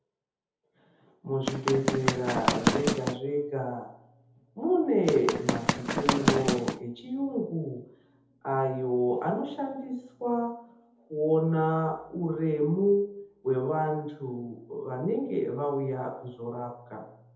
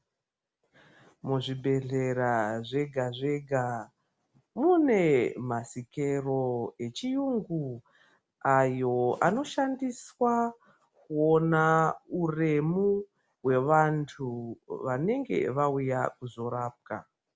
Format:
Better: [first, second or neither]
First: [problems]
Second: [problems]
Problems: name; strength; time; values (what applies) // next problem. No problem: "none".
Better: second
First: background sound (Run); 2 dB above the speech // room echo; dies away in 0.7 s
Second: none